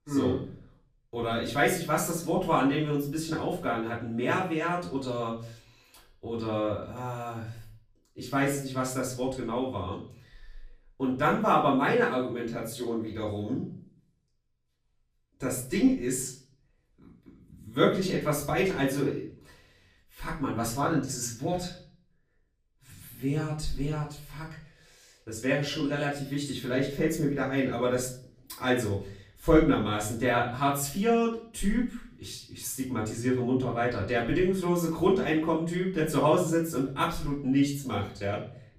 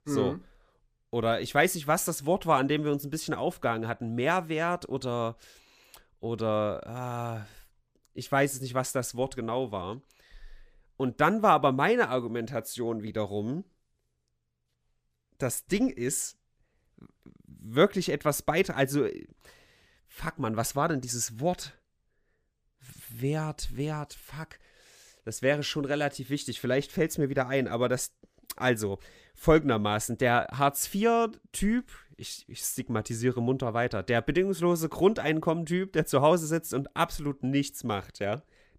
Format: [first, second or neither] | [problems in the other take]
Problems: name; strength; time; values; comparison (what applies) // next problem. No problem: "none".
second | off-mic speech; far // room echo; slight; dies away in 0.4 s